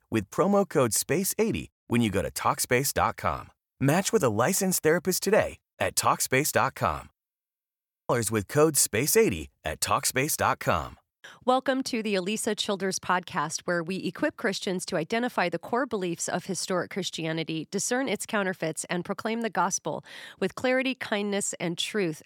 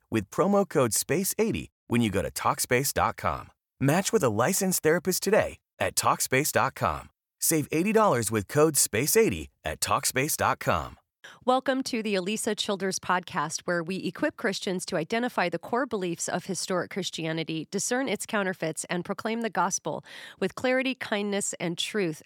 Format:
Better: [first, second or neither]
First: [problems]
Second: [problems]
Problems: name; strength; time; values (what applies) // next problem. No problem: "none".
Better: second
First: audio freezing; at 7.5 s for 1 s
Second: none